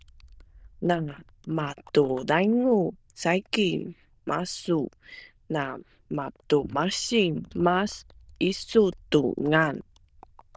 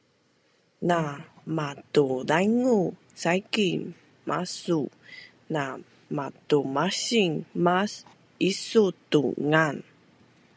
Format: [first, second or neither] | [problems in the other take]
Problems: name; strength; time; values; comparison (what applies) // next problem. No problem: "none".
second | noise reduction (neural diffusion model UNIVERSE++)